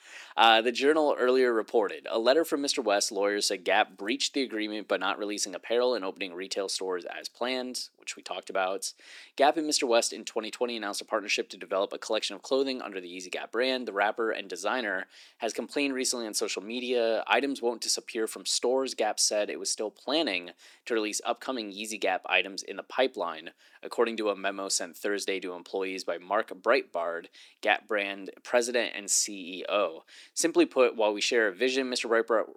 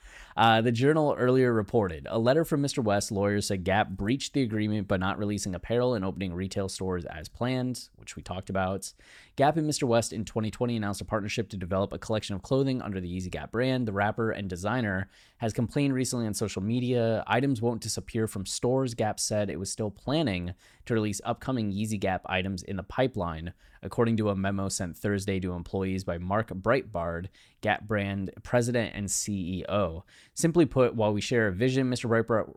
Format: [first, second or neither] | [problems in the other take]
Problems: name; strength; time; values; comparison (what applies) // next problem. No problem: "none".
second | thin; somewhat; fading below 300 Hz